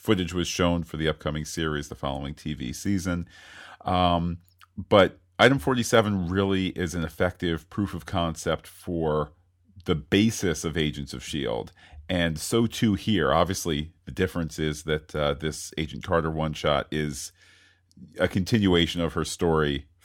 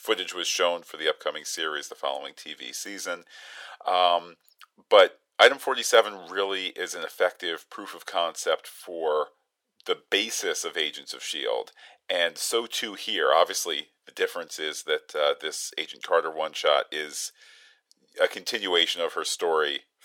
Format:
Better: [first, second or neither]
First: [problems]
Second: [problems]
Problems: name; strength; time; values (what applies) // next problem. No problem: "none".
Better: first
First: none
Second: thin; very; fading below 500 Hz